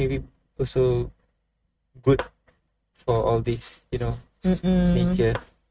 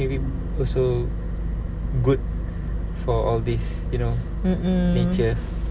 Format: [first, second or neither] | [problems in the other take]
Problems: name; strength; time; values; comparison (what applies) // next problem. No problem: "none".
second | noise reduction (neural mask model RNNoise)